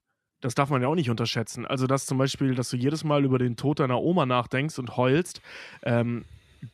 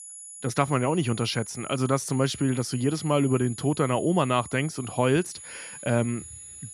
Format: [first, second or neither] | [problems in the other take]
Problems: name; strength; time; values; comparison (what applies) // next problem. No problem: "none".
first | high-pitched whine; noticeable; throughout; 10 kHz, 15 dB below the speech